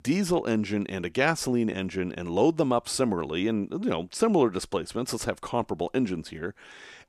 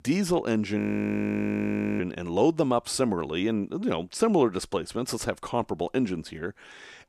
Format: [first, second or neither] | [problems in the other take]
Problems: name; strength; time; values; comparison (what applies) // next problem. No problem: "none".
first | audio freezing; at 1 s for 1 s